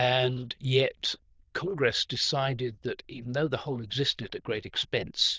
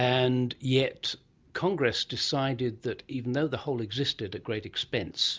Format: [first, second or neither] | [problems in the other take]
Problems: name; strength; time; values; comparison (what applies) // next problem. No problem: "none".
second | noise reduction (neural diffusion model UNIVERSE++)